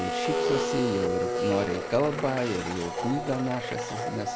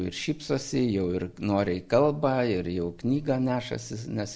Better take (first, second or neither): second